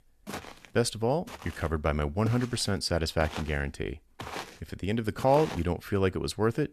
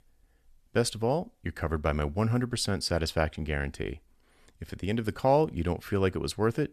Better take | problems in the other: second | footsteps; noticeable; until 5.5 s; peak 9 dB below the speech

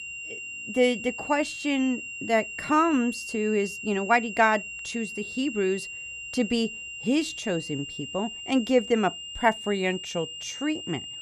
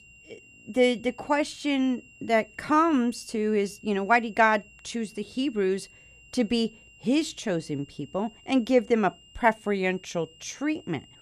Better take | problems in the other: second | high-pitched whine; loud; throughout; 3 kHz, 8 dB below the speech; faint in the second

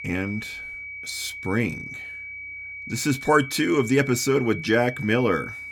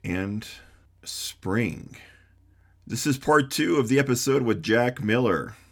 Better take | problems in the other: second | high-pitched whine; noticeable; throughout; 2.5 kHz, 10 dB below the speech

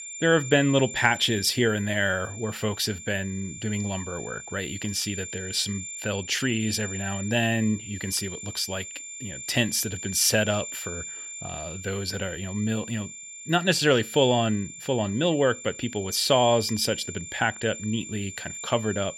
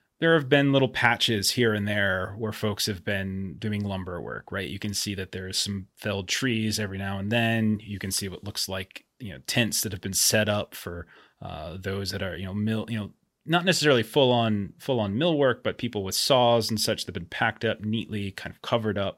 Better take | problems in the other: second | high-pitched whine; noticeable; throughout; 7 kHz, 10 dB below the speech

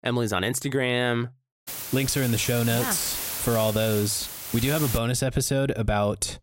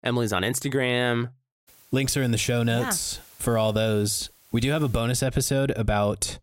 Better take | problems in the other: second | hiss; loud; from 1.5 to 5 s; 6 dB below the speech; faint in the second

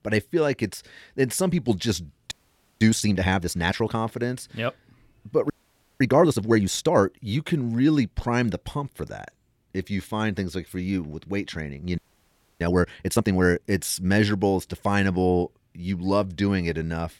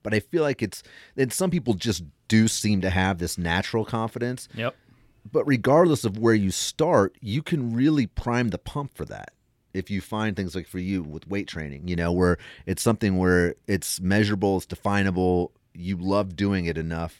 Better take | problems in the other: second | audio freezing; at 2.5 s for 0.5 s, at 5.5 s for 0.5 s and at 12 s for 0.5 s

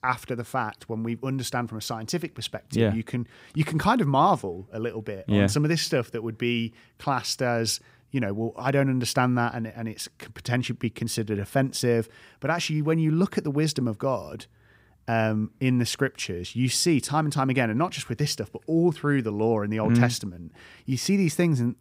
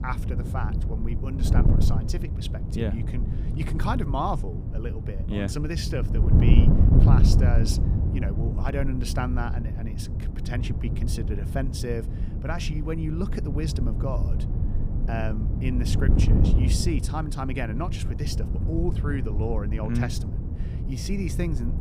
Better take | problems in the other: first | wind noise on the microphone; heavy; 4 dB below the speech

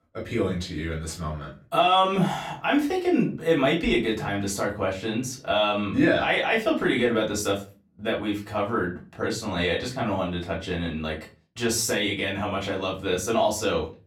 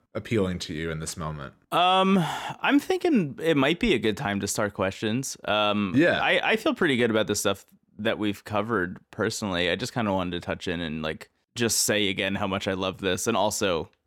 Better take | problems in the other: second | off-mic speech; far // room echo; very slight; dies away in 0.3 s

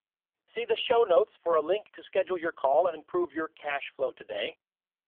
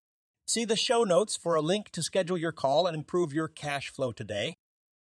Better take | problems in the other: second | phone-call audio; poor line; nothing above 3.5 kHz

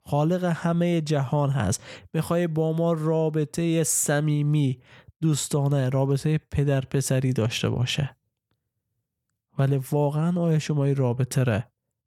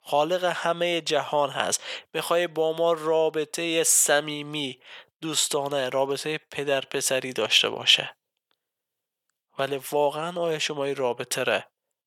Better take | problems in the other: first | thin; very; fading below 600 Hz

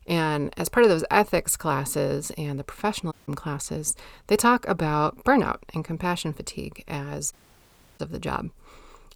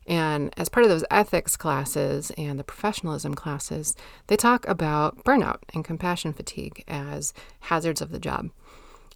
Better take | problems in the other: second | audio cutting out; at 3 s and at 7.5 s for 0.5 s

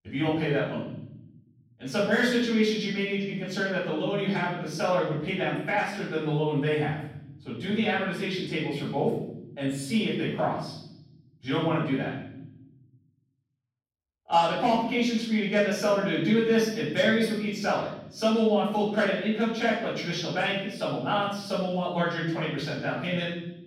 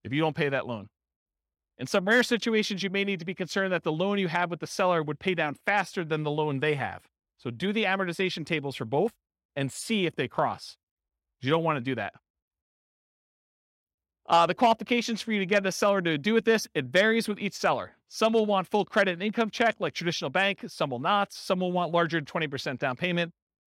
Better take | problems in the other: second | off-mic speech; far // room echo; noticeable; dies away in 1 s

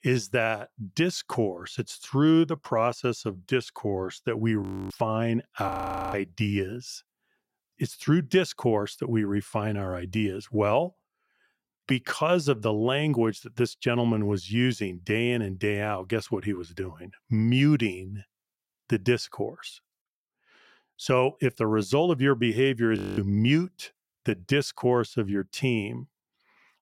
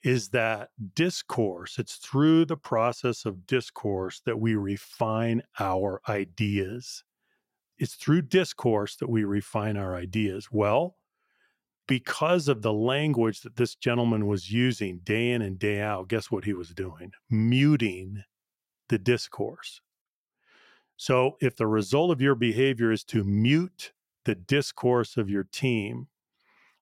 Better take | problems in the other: second | audio freezing; at 4.5 s, at 5.5 s and at 23 s

